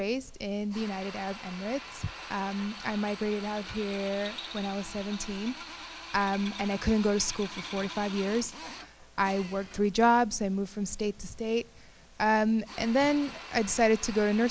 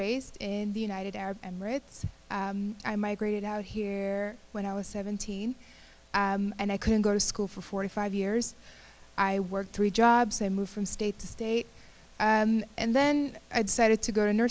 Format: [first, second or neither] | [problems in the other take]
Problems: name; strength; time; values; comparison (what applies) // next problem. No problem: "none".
second | background sound (Drill); 15 dB below the speech